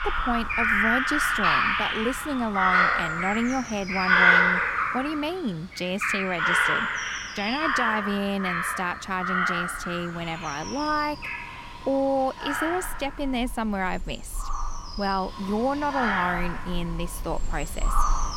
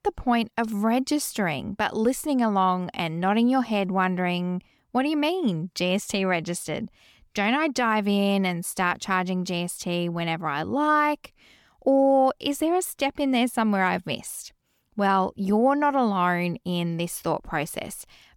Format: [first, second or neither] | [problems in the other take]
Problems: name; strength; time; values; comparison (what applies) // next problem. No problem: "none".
second | animal sounds; very loud; throughout; 4 dB above the speech